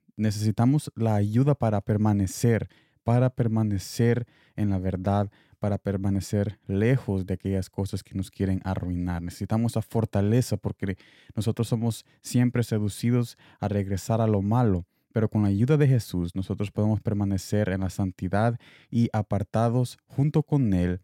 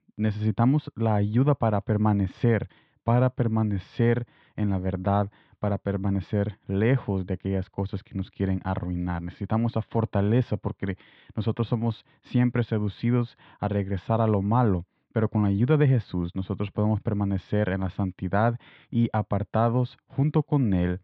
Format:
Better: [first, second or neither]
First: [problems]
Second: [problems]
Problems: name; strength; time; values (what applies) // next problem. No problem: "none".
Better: first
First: none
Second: muffled; very; fading above 3.5 kHz